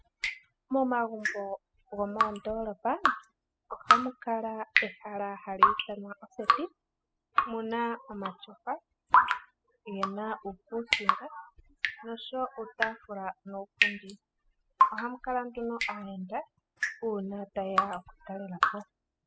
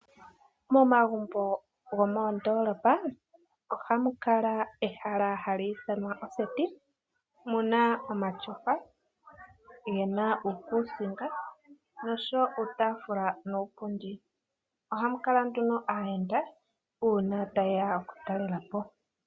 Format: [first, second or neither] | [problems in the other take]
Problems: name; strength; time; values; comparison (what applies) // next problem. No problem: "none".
second | noise reduction (classical method spectral subtraction)